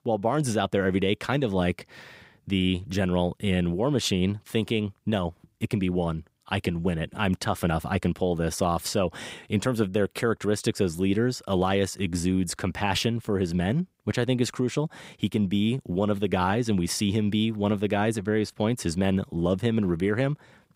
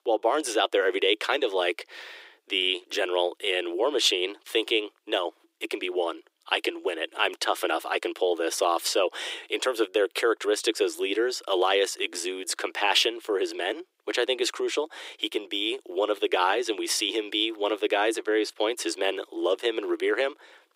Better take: first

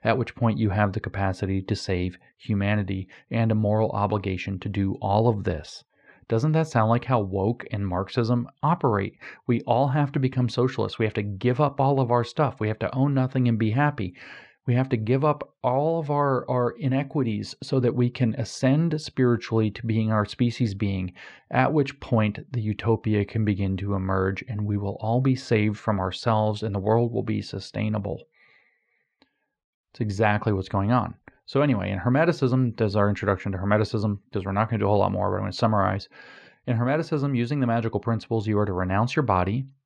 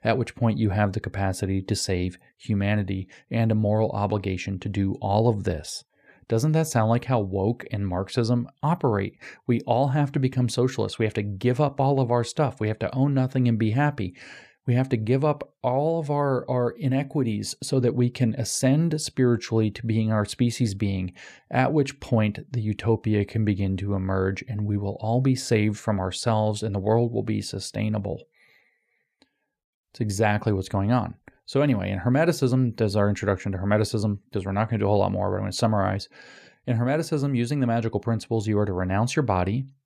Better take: second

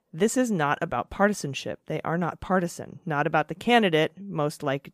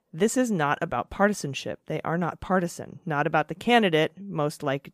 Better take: neither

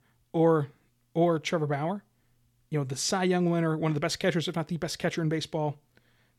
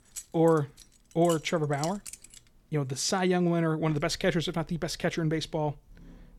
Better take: first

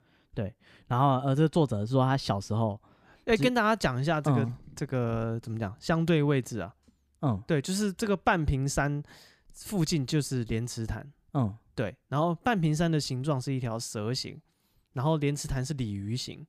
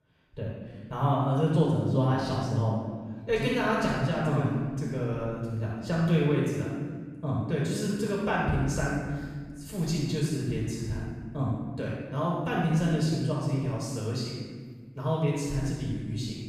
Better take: first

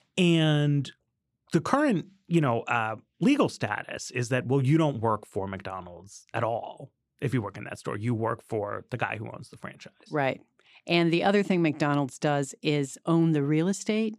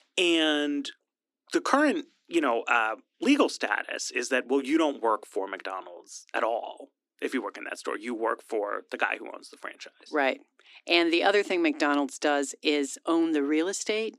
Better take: first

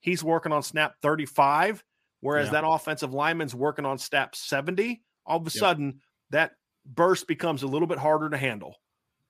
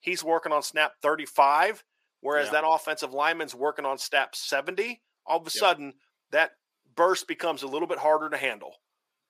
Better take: first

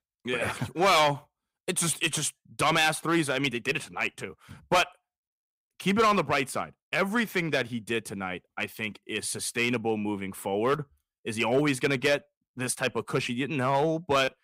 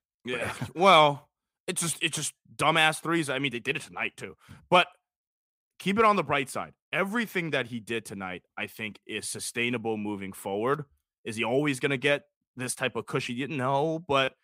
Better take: second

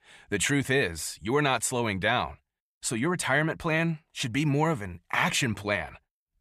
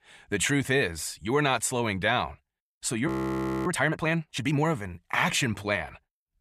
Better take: first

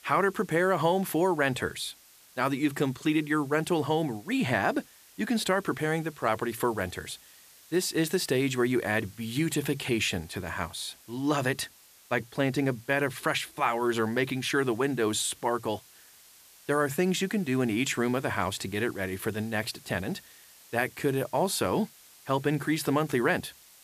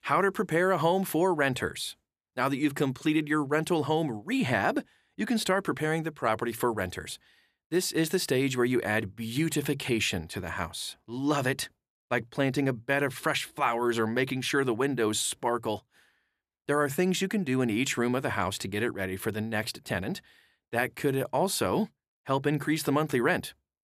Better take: second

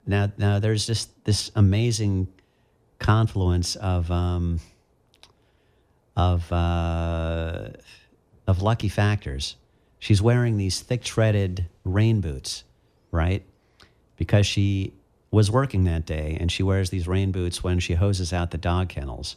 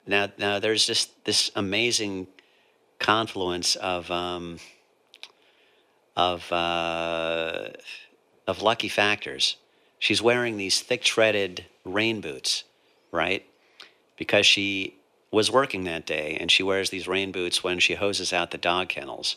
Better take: first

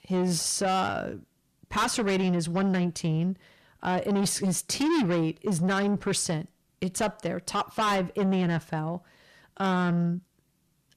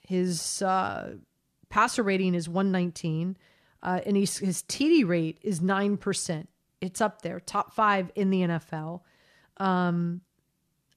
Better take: second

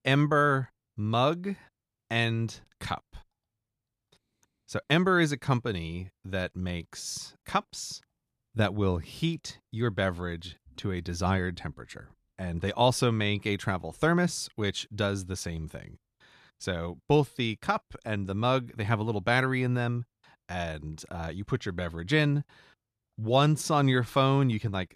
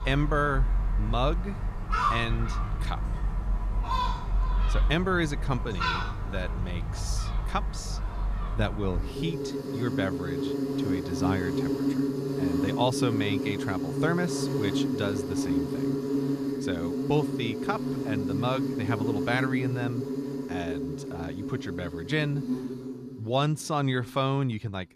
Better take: first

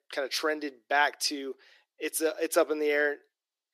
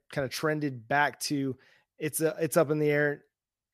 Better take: second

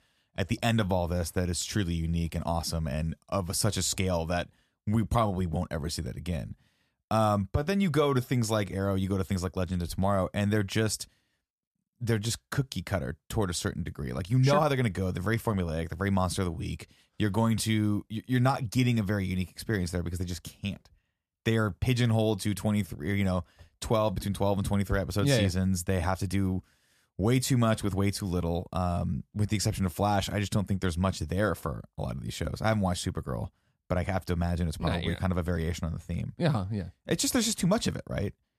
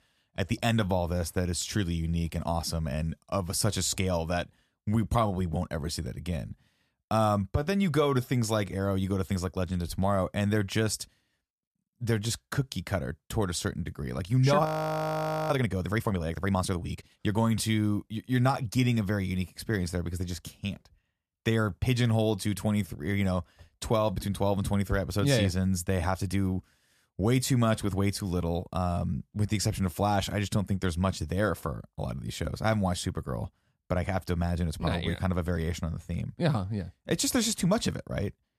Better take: first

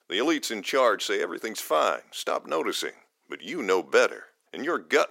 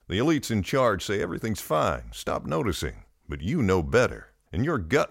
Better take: second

